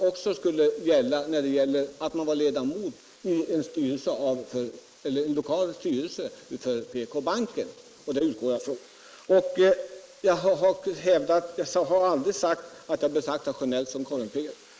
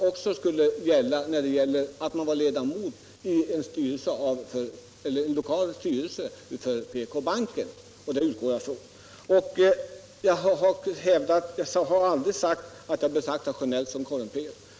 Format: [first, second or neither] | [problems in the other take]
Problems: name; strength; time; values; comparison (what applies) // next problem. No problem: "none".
second | noise reduction (neural mask model Resemble Enhance denoiser)